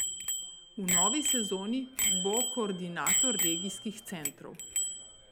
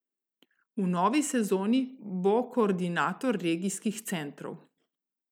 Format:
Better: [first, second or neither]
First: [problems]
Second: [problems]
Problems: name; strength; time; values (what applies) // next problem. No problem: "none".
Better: second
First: background sound (Bicycle bell); 4 dB above the speech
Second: none